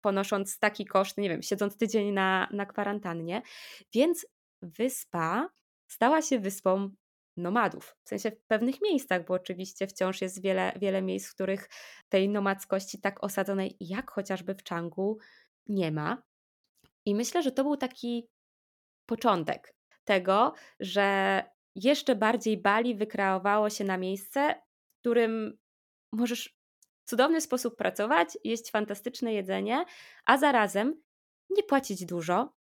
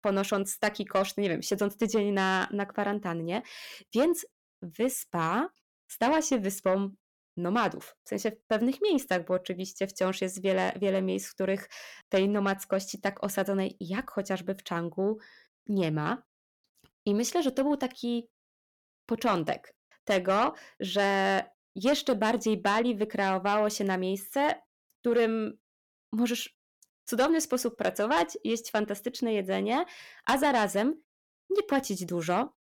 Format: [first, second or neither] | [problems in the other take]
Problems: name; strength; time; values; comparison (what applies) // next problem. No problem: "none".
first | distortion; slight; 10 dB below the speech